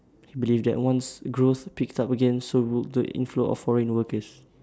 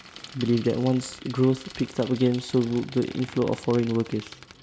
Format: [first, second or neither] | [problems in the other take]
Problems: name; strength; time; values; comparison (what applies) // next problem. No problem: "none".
first | background sound (Squeak + Bicycle); 18 dB below the speech